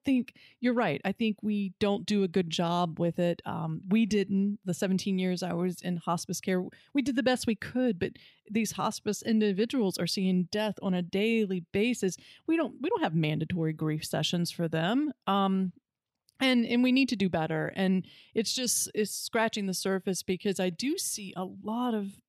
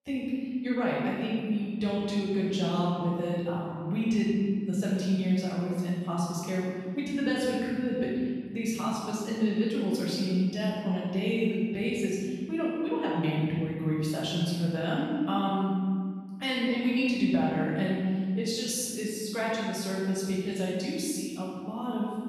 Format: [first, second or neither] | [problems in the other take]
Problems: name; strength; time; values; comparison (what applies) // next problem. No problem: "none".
first | off-mic speech; far // room echo; strong; dies away in 1.7 s